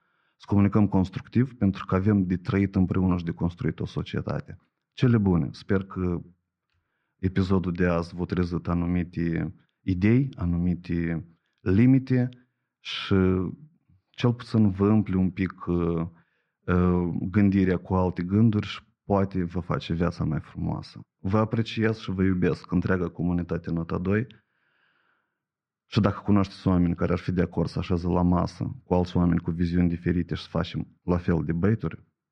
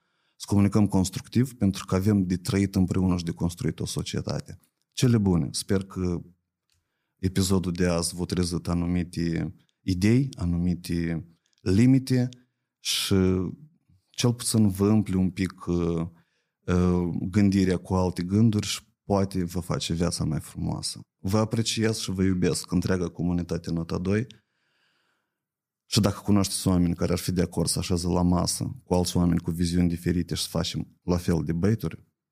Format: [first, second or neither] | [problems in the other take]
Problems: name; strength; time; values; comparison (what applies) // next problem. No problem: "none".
second | muffled; very; fading above 3 kHz